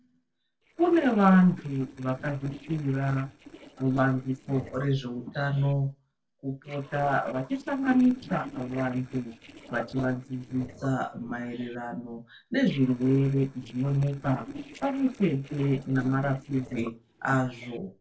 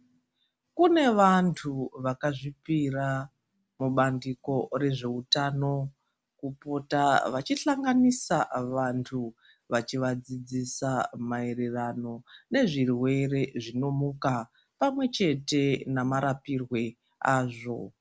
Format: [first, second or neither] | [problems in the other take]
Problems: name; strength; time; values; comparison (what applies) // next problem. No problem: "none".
second | noise reduction (neural separator model SepFormer DNS4)